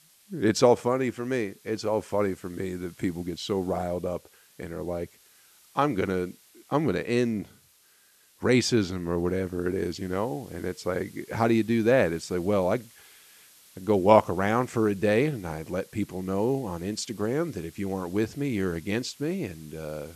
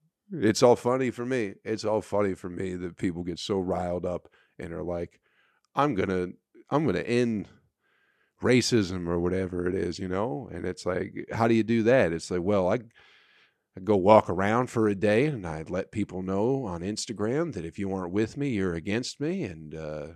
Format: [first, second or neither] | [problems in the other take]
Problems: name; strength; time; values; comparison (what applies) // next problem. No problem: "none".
second | hiss; faint; throughout; 25 dB below the speech